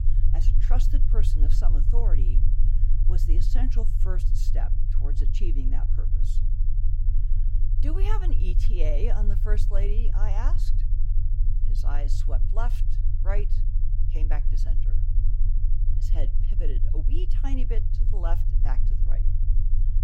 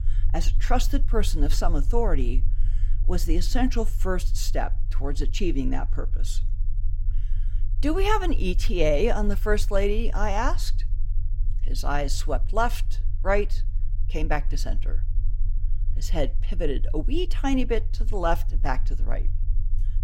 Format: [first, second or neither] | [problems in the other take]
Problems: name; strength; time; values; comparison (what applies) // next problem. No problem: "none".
second | low rumble; loud; throughout; 7 dB below the speech; faint in the second